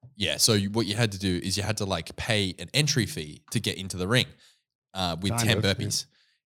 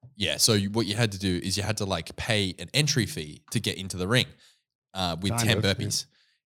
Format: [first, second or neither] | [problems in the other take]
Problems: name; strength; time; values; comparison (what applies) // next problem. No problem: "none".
neither | none